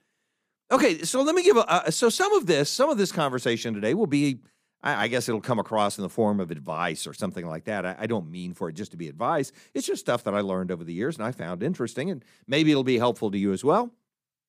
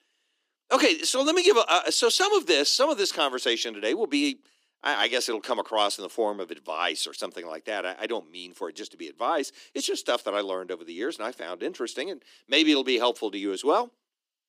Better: first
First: none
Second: thin; very slightly; fading below 300 Hz

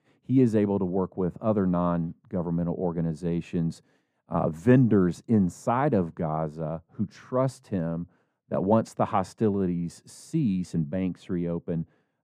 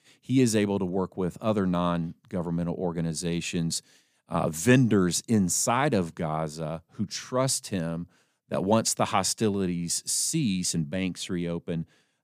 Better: second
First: muffled; very; fading above 2 kHz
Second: none

